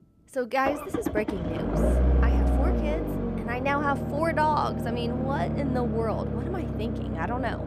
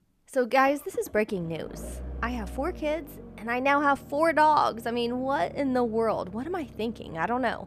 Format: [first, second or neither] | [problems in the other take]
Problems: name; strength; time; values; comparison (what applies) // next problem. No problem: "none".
second | low rumble; loud; throughout; 5 dB below the speech; faint in the second